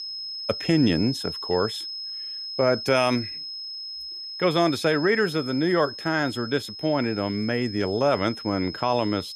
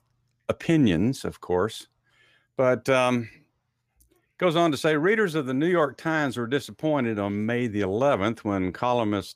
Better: second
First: high-pitched whine; loud; throughout; 5 kHz, 9 dB below the speech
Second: none

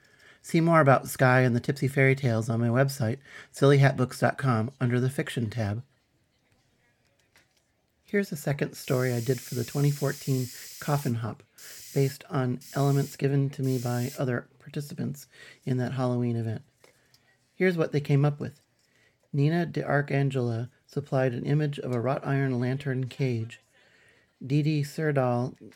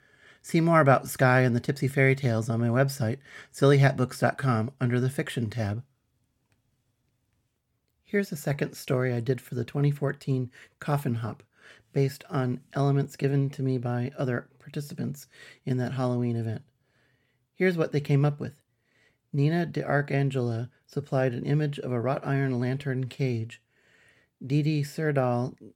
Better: second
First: hiss; noticeable; throughout; 15 dB below the speech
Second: none

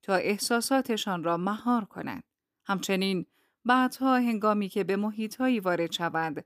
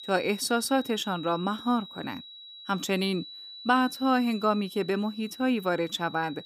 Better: first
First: none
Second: high-pitched whine; noticeable; throughout; 4 kHz, 15 dB below the speech

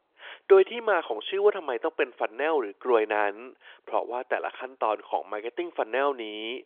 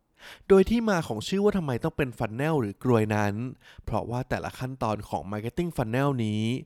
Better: second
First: phone-call audio; nothing above 3.5 kHz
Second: none

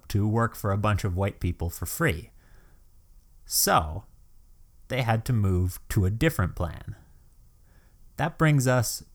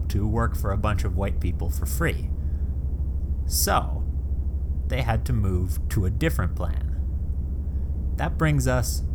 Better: first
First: none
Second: low rumble; noticeable; throughout; 15 dB below the speech

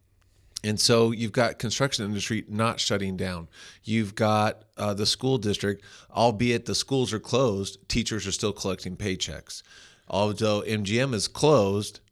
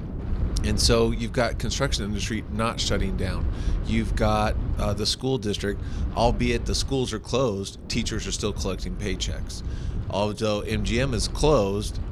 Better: first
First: none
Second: wind noise on the microphone; occasional gusts; 15 dB below the speech

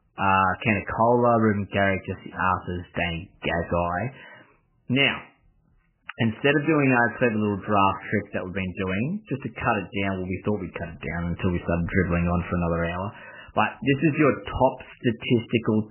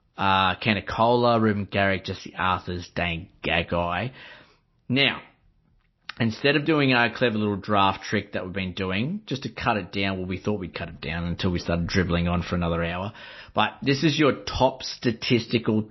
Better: second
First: garbled, watery; badly; nothing above 3 kHz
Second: garbled, watery; slightly; nothing above 6 kHz

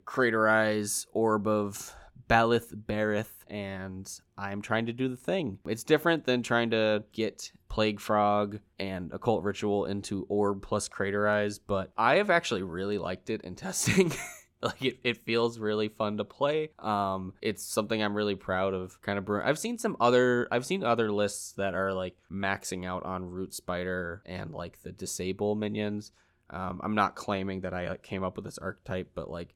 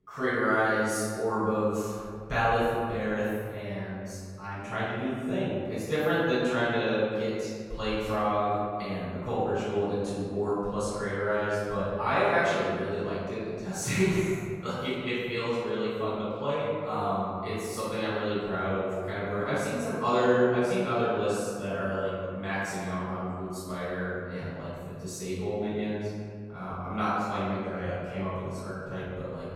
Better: first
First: none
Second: room echo; strong; dies away in 1.8 s // off-mic speech; far

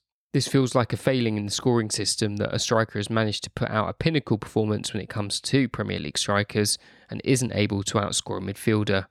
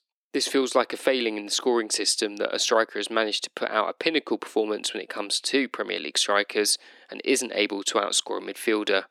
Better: first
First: none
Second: thin; somewhat; fading below 300 Hz

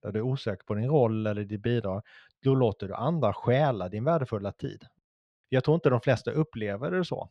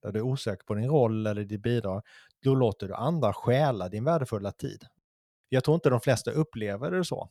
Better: second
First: muffled; very slightly; fading above 3 kHz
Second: none

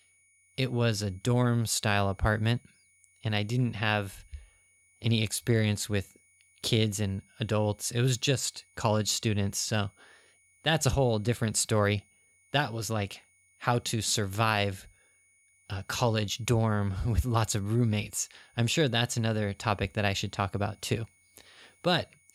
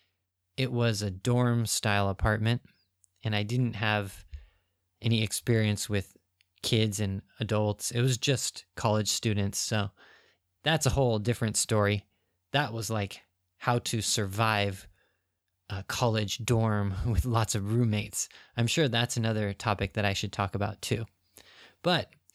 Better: second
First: high-pitched whine; faint; throughout; 2 kHz, 35 dB below the speech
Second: none

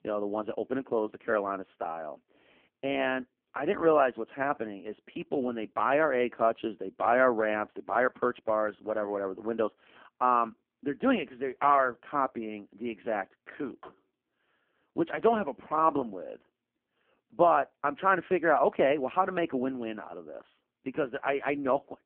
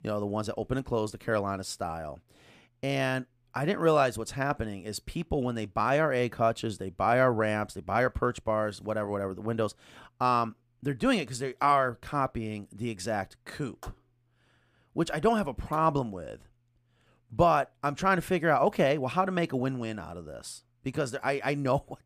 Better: second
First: phone-call audio; poor line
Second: none

